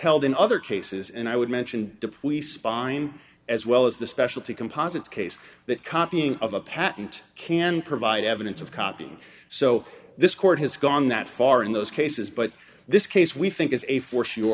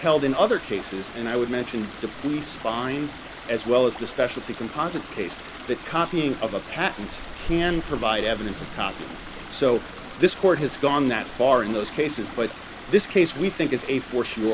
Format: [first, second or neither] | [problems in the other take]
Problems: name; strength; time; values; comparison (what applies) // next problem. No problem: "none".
first | background sound (Stream); 13 dB below the speech